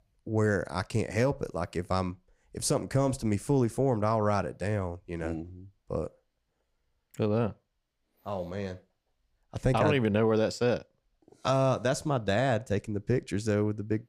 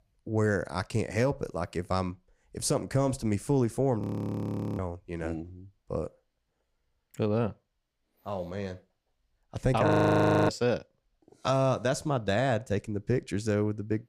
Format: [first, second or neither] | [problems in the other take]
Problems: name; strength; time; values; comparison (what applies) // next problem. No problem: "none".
first | audio freezing; at 4 s for 1 s and at 10 s for 0.5 s